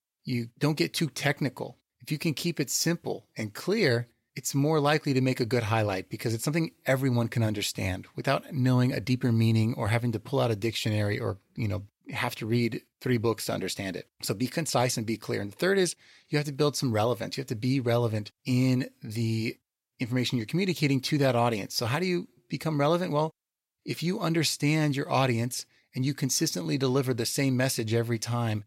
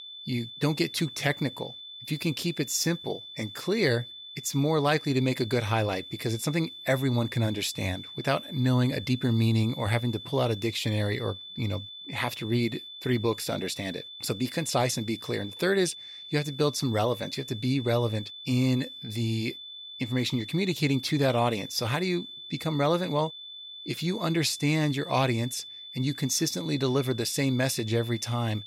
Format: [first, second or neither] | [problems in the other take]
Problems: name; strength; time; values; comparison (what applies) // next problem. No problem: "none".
first | high-pitched whine; noticeable; throughout; 3.5 kHz, 10 dB below the speech